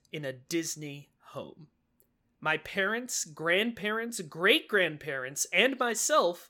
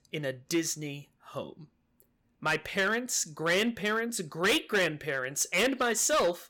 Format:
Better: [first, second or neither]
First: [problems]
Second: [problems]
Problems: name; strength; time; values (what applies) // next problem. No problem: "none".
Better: first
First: none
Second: distortion; heavy; 6% of the sound clipped